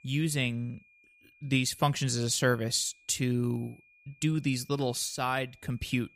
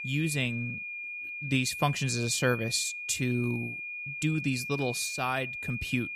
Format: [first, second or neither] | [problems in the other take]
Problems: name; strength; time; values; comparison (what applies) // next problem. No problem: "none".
first | high-pitched whine; loud; throughout; 2.5 kHz, 5 dB below the speech; faint in the first